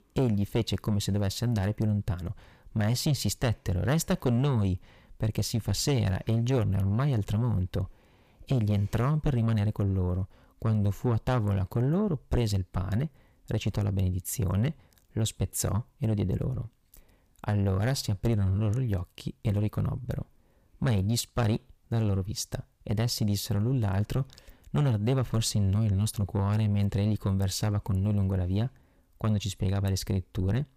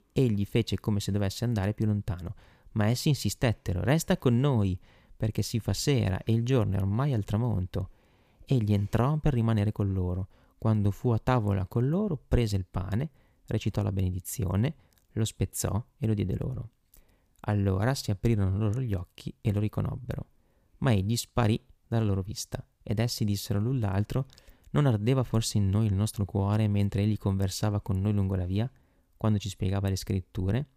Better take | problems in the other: second | distortion; slight; 10 dB below the speech

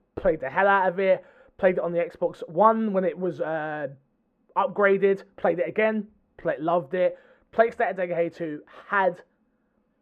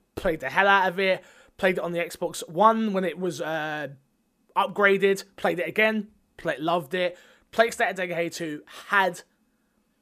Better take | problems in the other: second | muffled; very; fading above 3.5 kHz

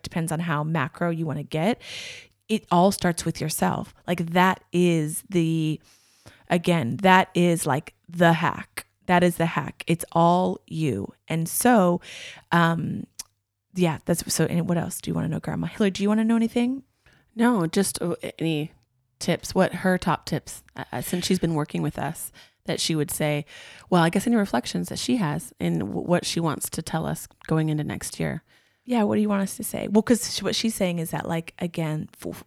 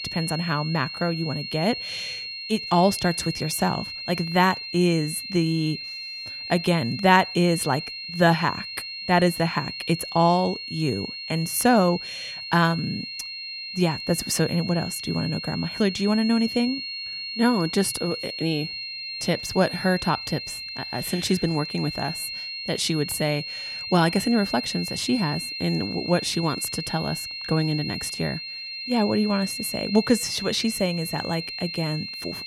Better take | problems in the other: first | high-pitched whine; loud; throughout; 4 kHz, 7 dB below the speech

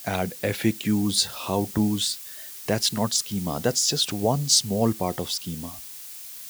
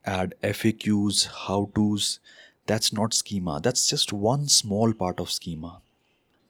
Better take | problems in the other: second | hiss; noticeable; throughout; 15 dB below the speech

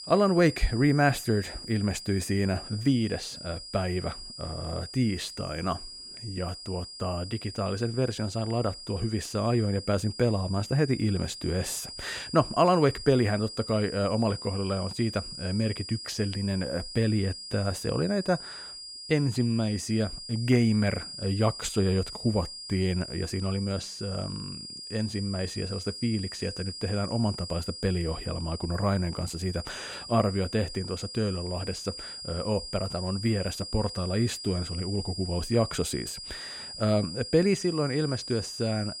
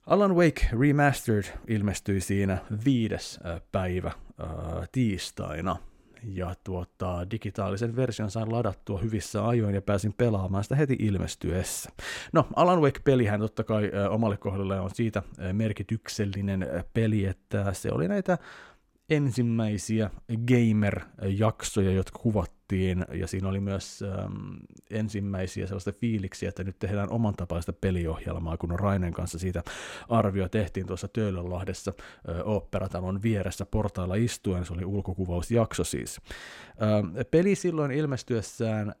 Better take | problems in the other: second | high-pitched whine; loud; throughout; 5 kHz, 9 dB below the speech

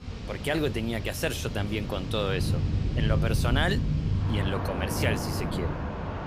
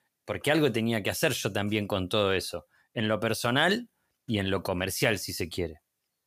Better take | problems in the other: second | rain or running water; very loud; throughout; 1 dB above the speech

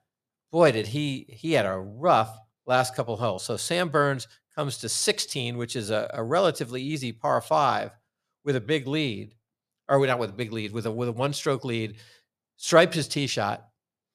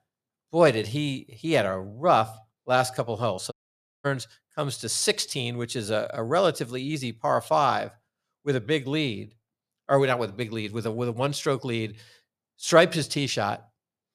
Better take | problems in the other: first | audio cutting out; at 3.5 s for 0.5 s

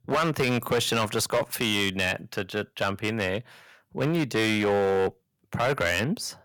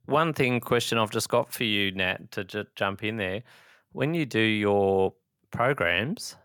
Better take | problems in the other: second | distortion; heavy; 9% of the sound clipped

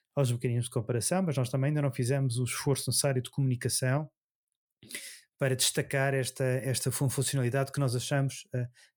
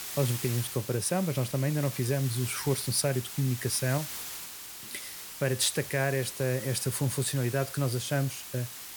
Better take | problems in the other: first | hiss; loud; throughout; 8 dB below the speech

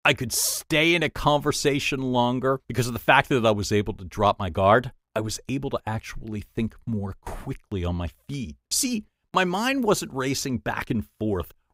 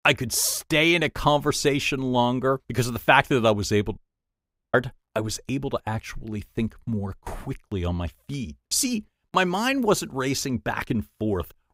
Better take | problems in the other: first | audio cutting out; at 4 s for 1 s

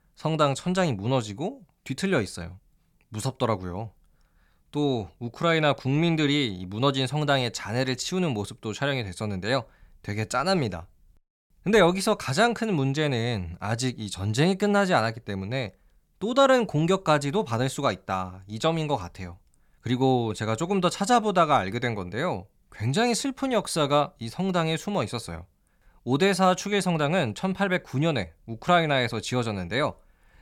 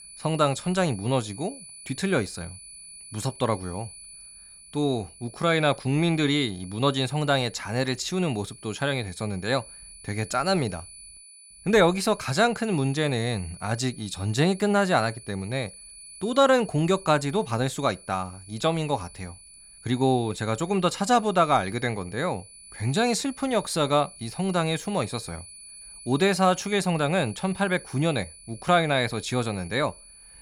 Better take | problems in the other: first | high-pitched whine; noticeable; throughout; 10 kHz, 20 dB below the speech

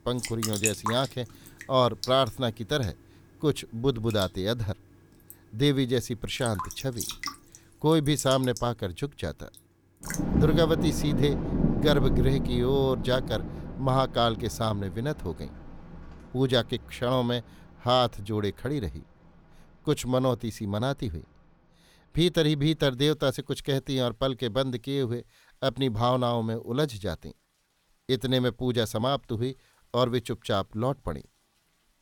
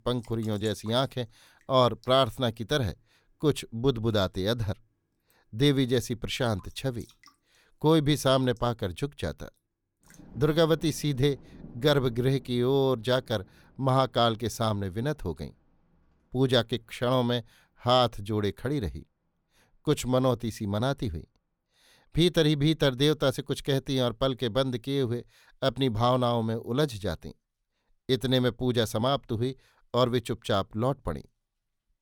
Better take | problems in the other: second | rain or running water; loud; throughout; 5 dB below the speech; faint in the second

